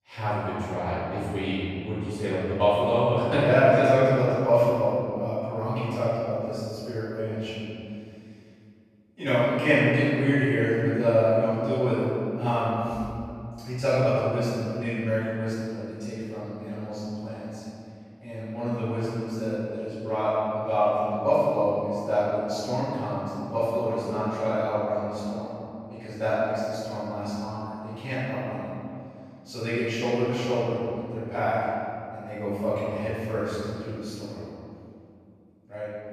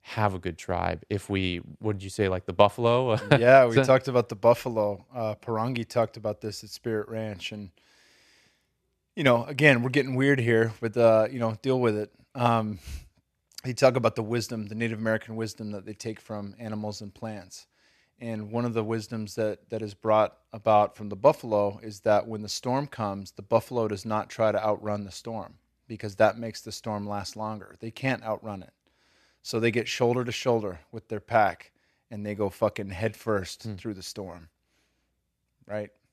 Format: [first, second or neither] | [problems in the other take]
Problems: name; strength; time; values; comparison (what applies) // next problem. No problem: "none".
second | off-mic speech; far // room echo; strong; dies away in 2.5 s